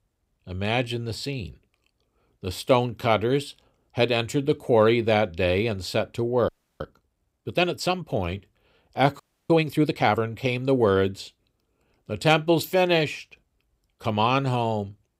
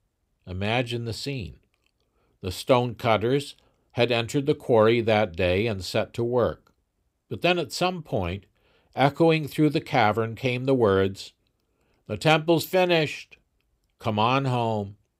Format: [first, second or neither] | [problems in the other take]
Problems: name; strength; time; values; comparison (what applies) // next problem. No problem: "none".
second | audio freezing; at 6.5 s and at 9 s